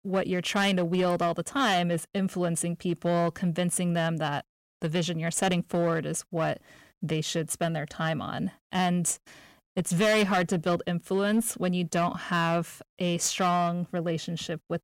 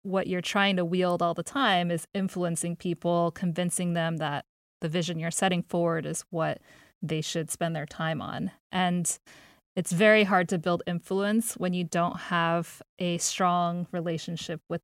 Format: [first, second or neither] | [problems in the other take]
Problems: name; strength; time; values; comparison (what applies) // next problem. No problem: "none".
second | distortion; slight; 6% of the sound clipped